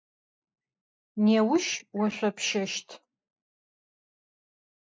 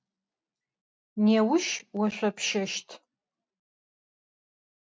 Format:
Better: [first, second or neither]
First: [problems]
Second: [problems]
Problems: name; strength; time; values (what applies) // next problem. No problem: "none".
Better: second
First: noise reduction (neural mask model Resemble Enhance denoiser)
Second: none